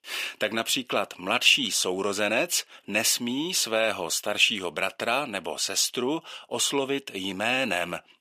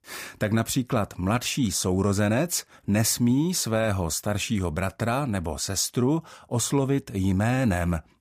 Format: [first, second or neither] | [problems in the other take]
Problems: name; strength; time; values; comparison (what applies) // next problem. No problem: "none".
second | thin; somewhat; fading below 400 Hz